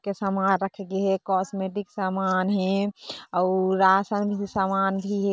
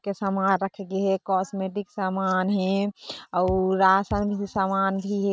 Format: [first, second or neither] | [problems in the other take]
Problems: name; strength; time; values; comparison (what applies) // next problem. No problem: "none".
first | noise reduction (neural mask model RNNoise)